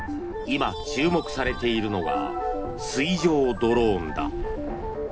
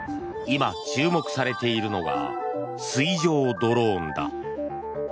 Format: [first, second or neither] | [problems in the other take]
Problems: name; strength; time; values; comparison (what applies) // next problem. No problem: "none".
second | background sound (Keys jangling); 11 dB below the speech // room echo; dies away in 0.3 s